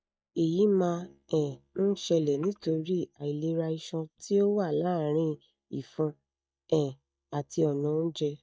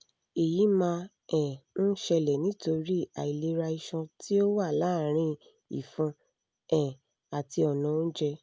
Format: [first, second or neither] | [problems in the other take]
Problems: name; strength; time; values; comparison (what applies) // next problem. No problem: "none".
second | noise reduction (neural mask model DeepFilterNet 3)